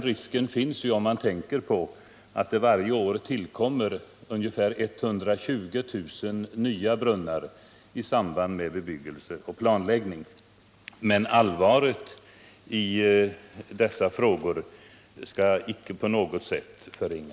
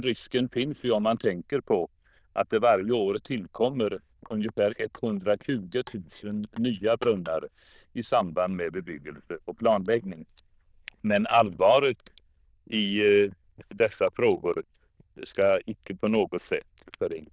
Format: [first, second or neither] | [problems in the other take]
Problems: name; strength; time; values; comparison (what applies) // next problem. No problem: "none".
first | noise reduction (neural diffusion model UNIVERSE++)